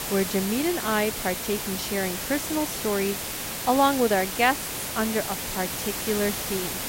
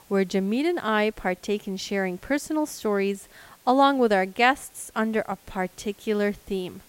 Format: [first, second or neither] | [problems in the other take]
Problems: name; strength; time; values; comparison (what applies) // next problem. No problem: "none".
second | hiss; loud; throughout; 3 dB below the speech; faint in the second